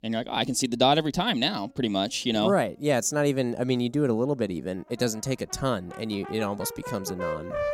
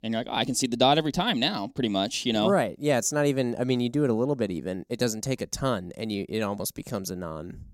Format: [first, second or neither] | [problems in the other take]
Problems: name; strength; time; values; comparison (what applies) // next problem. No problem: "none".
second | background music; noticeable; throughout; 10 dB below the speech